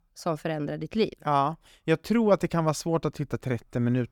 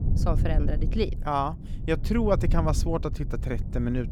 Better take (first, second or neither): first